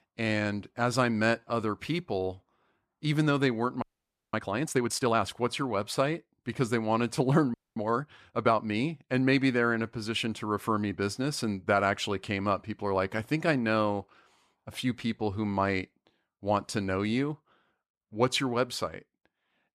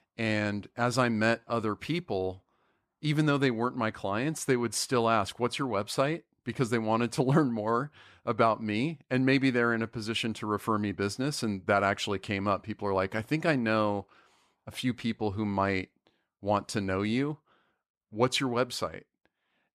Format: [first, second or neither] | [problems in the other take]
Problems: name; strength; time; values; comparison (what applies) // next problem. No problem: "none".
second | audio freezing; at 4 s for 0.5 s and at 7.5 s